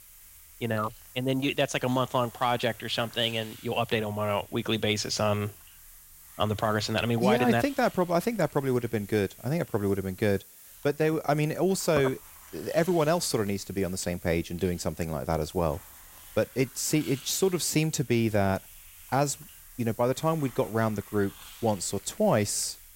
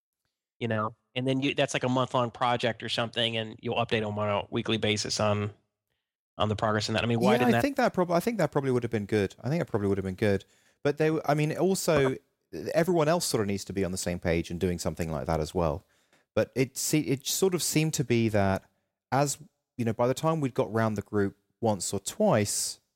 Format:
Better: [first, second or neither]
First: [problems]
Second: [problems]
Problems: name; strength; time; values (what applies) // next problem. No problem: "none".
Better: second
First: hiss; noticeable; throughout; 20 dB below the speech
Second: none